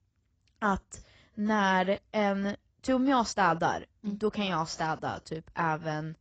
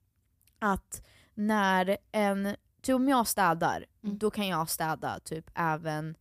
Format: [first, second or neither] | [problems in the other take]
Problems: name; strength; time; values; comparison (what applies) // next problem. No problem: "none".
second | garbled, watery; badly; nothing above 8 kHz